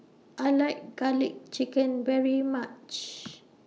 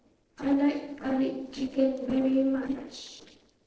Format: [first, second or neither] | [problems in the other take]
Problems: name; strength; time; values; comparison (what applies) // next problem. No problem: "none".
first | noise reduction (neural separator model SepFormer DNS4)